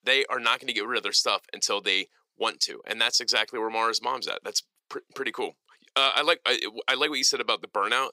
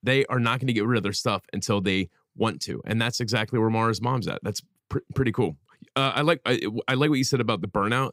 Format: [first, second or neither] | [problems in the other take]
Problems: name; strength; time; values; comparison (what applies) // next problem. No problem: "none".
second | thin; very; fading below 450 Hz